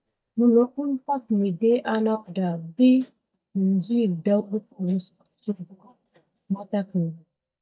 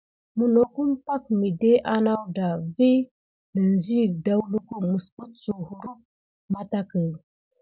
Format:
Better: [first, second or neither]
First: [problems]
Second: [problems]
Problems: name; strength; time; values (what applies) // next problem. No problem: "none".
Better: second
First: noise reduction (neural mask model DeepFilterNet 3)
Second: none